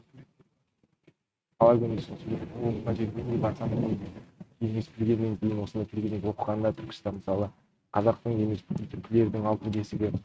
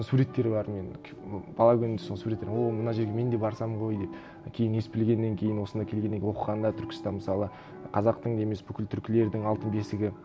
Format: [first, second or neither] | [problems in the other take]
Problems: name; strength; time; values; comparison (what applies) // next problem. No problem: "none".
second | noise reduction (neural mask model RNNoise)